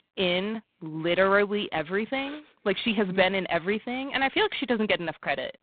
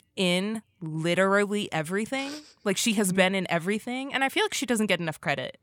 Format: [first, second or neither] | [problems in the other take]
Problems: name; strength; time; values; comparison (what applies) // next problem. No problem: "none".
second | phone-call audio; poor line; nothing above 3.5 kHz